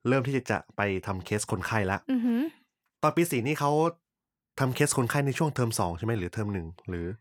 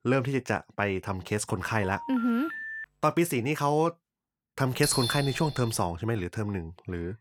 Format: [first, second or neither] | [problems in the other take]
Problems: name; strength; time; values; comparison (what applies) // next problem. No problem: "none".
first | phone ringing; noticeable; from 2 to 3 s; peak 7 dB below the speech // doorbell; noticeable; at 5 s; peak 1 dB below the speech